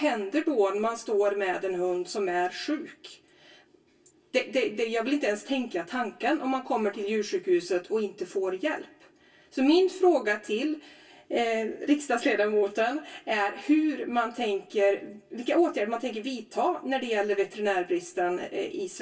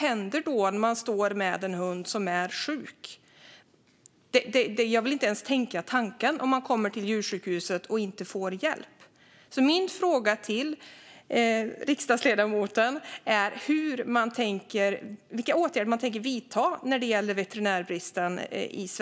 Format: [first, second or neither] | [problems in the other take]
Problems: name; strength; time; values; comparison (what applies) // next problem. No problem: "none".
second | room echo; dies away in 0.1 s